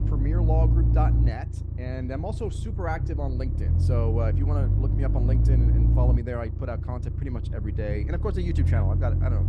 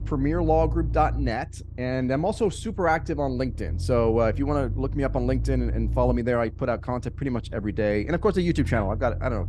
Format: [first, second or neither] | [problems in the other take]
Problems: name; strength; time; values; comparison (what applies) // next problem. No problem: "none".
second | low rumble; loud; throughout; 5 dB below the speech; faint in the second